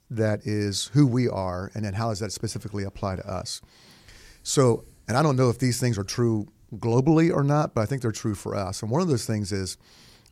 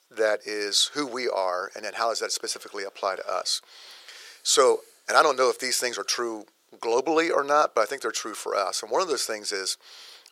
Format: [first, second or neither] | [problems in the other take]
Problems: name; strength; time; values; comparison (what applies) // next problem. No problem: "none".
first | thin; very; fading below 450 Hz